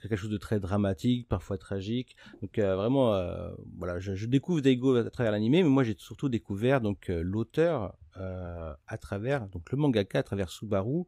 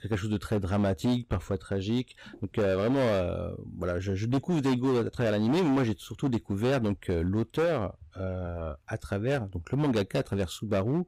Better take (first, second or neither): first